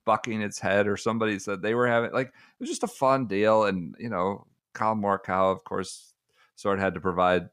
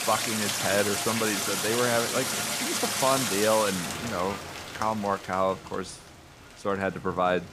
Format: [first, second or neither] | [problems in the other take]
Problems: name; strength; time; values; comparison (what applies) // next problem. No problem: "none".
first | rain or running water; very loud; throughout; as loud as the speech